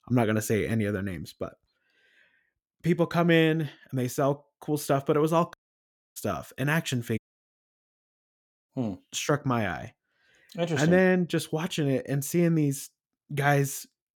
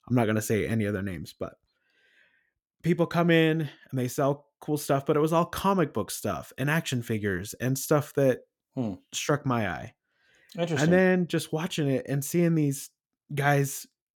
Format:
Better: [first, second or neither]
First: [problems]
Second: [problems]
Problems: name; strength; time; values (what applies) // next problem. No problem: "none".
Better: second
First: audio cutting out; at 5.5 s for 0.5 s and at 7 s for 1.5 s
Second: none